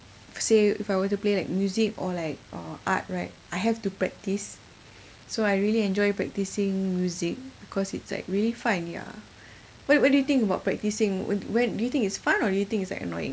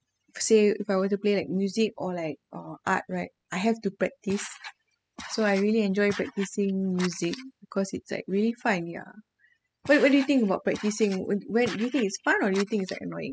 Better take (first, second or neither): first